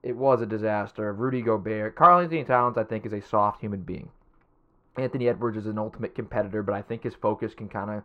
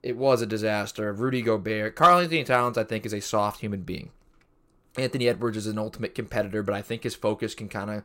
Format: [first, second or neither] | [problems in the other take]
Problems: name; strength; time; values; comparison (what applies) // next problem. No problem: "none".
second | muffled; very; fading above 3.5 kHz